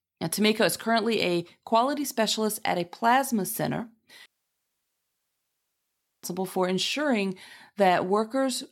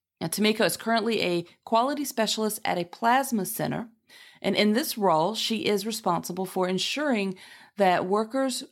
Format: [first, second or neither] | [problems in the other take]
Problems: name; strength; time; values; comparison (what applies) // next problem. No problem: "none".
second | audio cutting out; at 4.5 s for 2 s